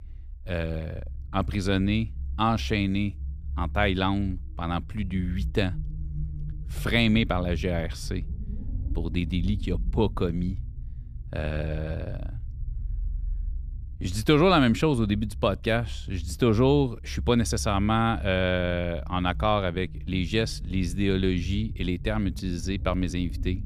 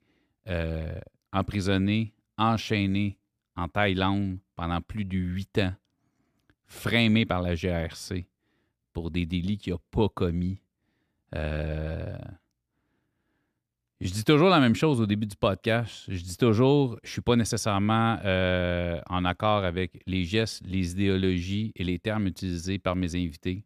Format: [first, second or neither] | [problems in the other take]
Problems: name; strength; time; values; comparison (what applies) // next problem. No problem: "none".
second | low rumble; faint; throughout; 25 dB below the speech